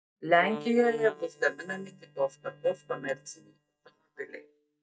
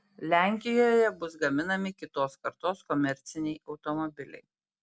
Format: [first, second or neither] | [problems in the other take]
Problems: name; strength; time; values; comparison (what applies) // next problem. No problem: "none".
second | noise reduction (neural mask model DeepFilterNet 3)